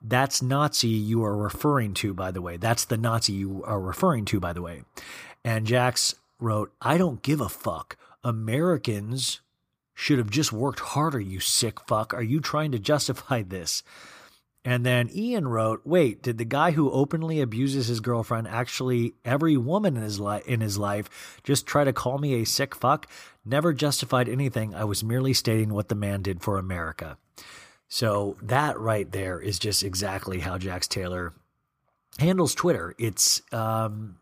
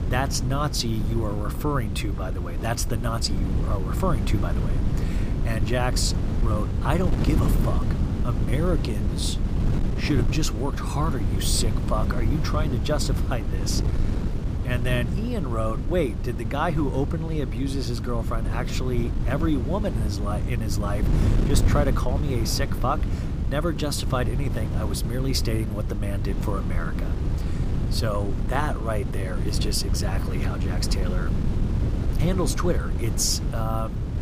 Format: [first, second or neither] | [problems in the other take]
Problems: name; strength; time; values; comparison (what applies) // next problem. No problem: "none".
first | wind noise on the microphone; heavy; 7 dB below the speech